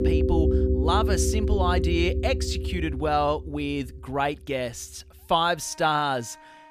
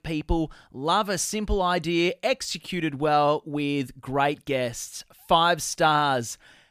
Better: second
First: background music; very loud; throughout; 1 dB above the speech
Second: none

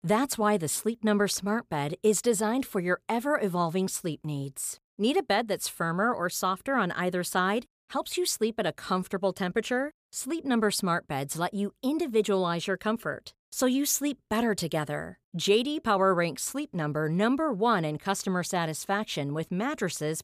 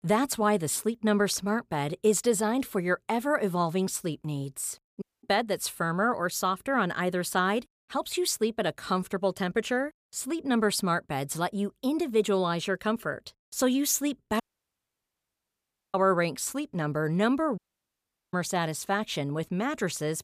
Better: first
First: none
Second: audio cutting out; at 5 s, at 14 s for 1.5 s and at 18 s for 1 s

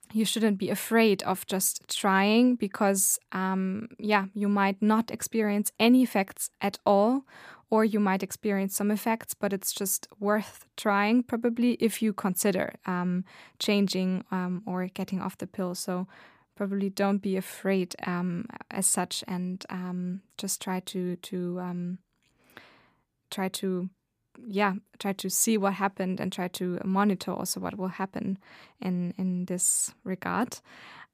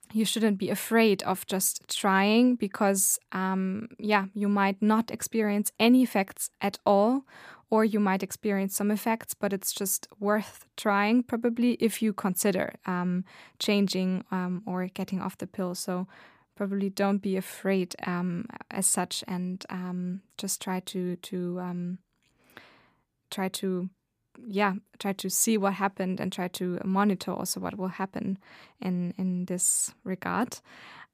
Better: neither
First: none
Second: none

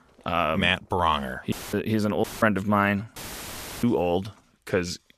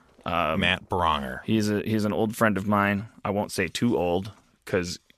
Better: second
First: audio cutting out; filled with static; at 1.5 s, at 2 s and at 3 s for 0.5 s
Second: none

